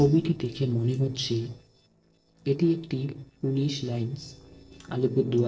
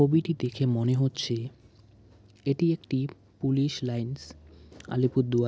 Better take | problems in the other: second | noise reduction (neural separator model SepFormer DNS4)

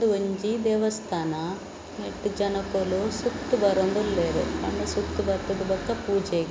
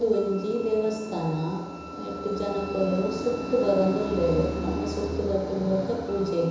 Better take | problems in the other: first | background sound (Wind instrument, woodwind instrument); 18 dB below the speech // room echo; dies away in 1 s

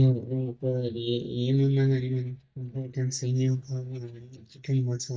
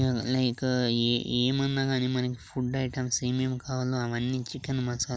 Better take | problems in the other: second | noise reduction (neural mask model DeepFilterNet 3)

